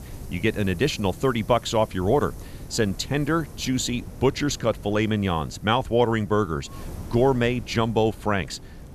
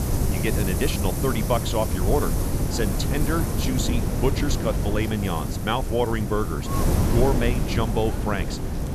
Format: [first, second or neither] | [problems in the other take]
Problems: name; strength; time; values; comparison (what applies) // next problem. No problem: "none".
first | wind noise on the microphone; heavy; 4 dB below the speech; occasional gusts in the first